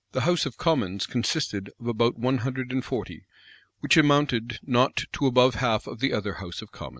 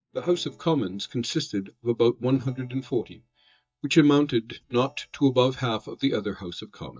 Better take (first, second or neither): first